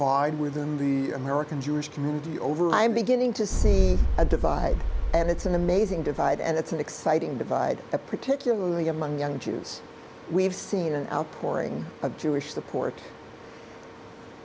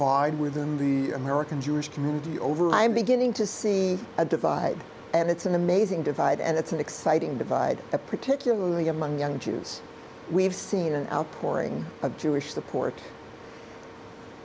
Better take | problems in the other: second | background sound (Boom); 2 dB above the speech

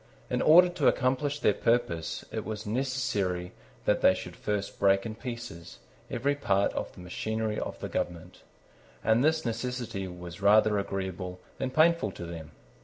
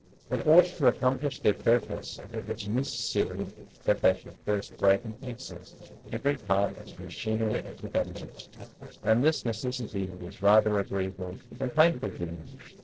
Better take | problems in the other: first | noise reduction (neural separator model SepFormer DNS4)

